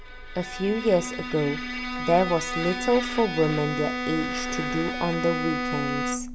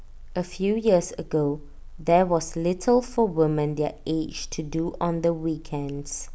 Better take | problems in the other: second | background sound (Bowed string instrument); 4 dB below the speech

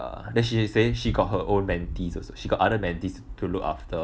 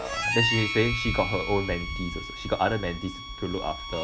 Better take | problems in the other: first | background sound (Harmonica); 4 dB below the speech

